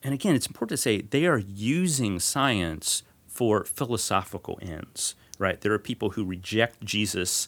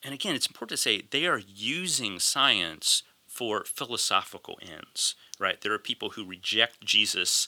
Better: first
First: none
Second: thin; somewhat; fading below 1 kHz

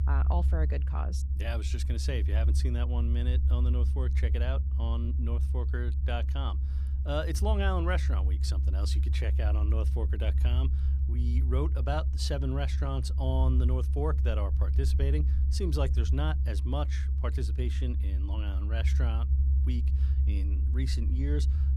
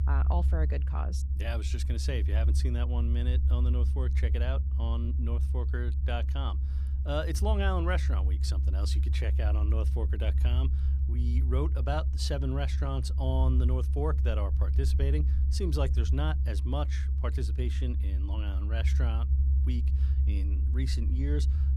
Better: neither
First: low rumble; loud; throughout; 8 dB below the speech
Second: low rumble; loud; throughout; 8 dB below the speech

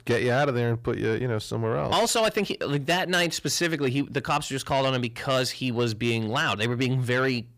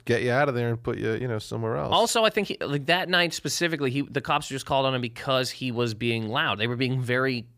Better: second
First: distortion; slight; 10 dB below the speech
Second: none

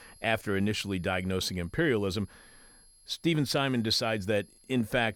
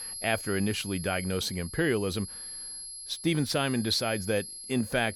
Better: first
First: high-pitched whine; faint; throughout; 11 kHz, 30 dB below the speech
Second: high-pitched whine; loud; throughout; 11 kHz, 9 dB below the speech

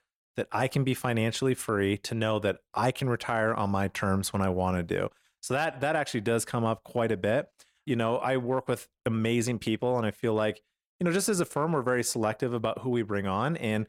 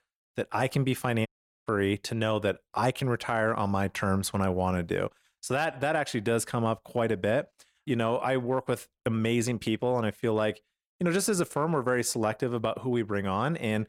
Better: first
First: none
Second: audio cutting out; at 1.5 s

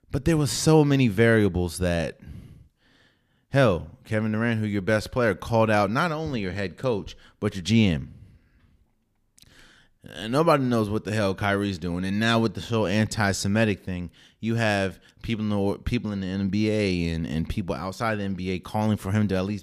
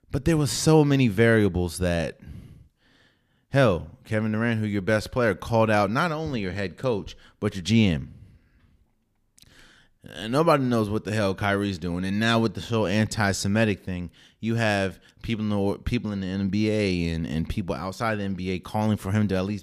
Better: neither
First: none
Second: none

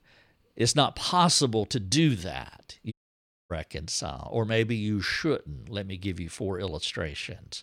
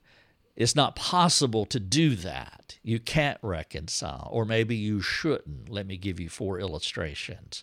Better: second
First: audio cutting out; at 3 s for 0.5 s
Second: none

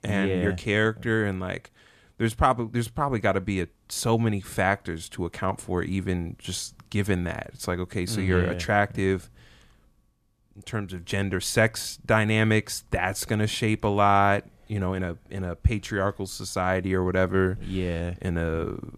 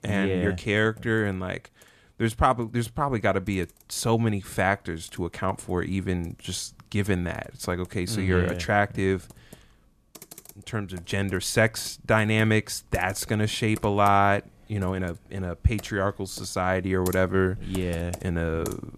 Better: first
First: none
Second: household noises; faint; throughout; 20 dB below the speech

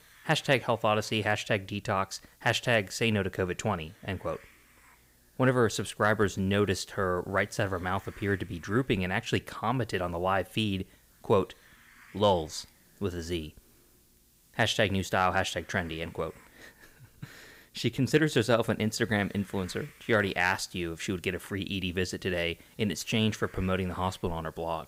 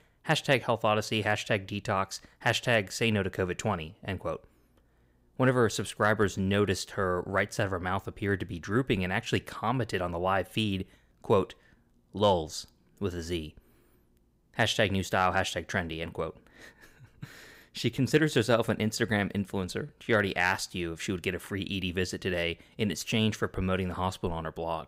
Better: second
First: hiss; faint; throughout; 30 dB below the speech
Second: none

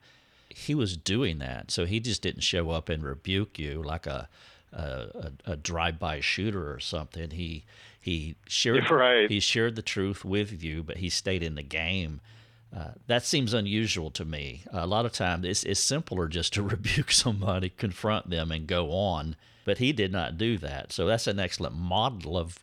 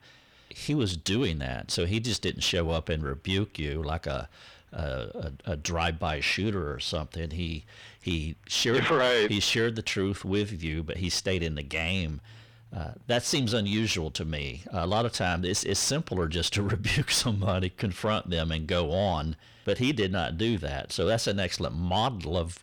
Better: first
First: none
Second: distortion; slight; 10 dB below the speech

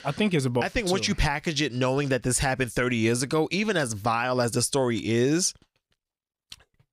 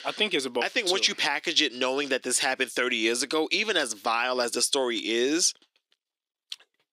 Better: first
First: none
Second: thin; somewhat; fading below 300 Hz

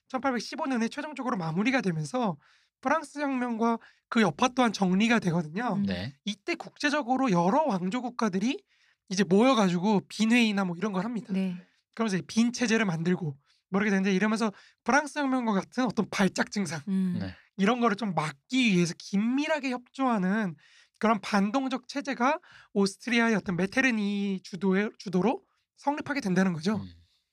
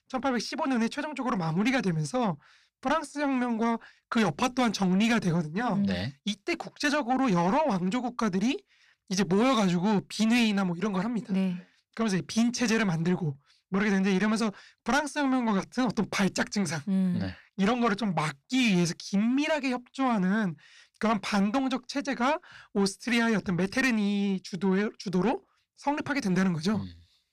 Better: first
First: none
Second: distortion; slight; 10 dB below the speech

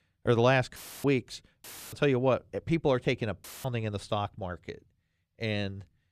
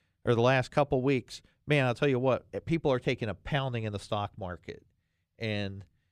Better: second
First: audio cutting out; filled with static; at 1 s, at 1.5 s and at 3.5 s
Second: none

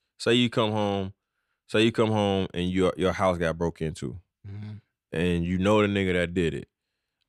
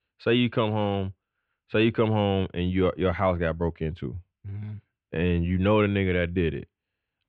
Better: first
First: none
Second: muffled; very; fading above 3 kHz

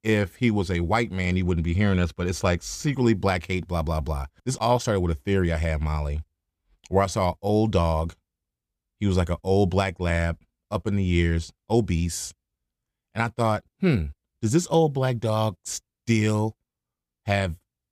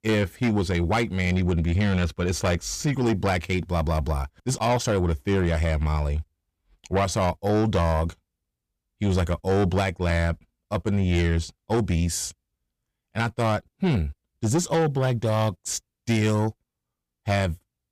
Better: first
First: none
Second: distortion; slight; 10 dB below the speech

